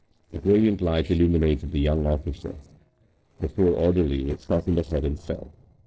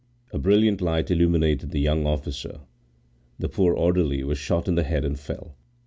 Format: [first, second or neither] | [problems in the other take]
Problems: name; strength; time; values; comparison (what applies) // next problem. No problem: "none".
second | noise reduction (neural separator model SepFormer DNS4)